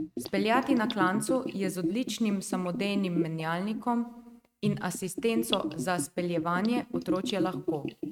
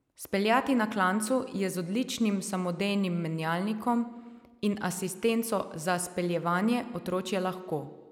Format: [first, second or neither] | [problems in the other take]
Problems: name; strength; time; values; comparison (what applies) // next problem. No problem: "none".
second | noise reduction (neural mask model RNNoise)